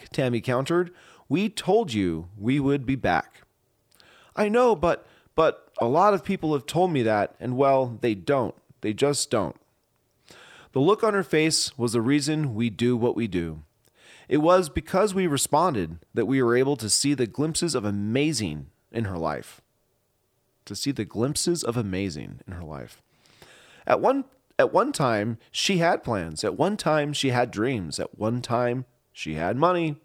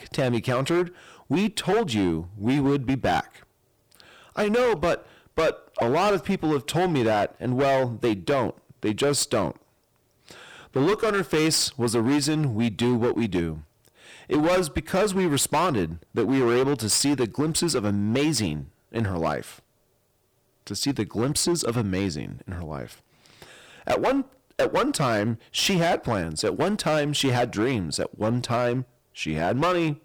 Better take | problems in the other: first | distortion; heavy; 13% of the sound clipped

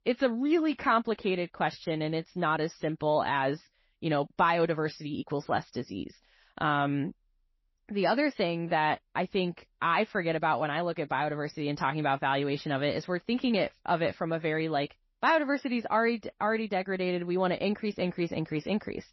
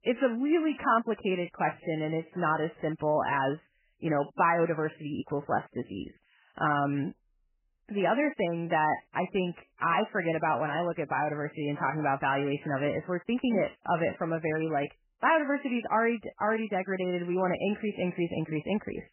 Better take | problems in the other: first | garbled, watery; badly; nothing above 3 kHz; slightly in the first

